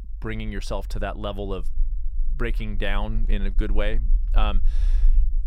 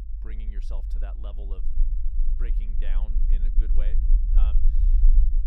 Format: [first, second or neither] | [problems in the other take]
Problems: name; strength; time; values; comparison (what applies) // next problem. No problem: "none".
first | low rumble; loud; throughout; 3 dB below the speech; faint in the first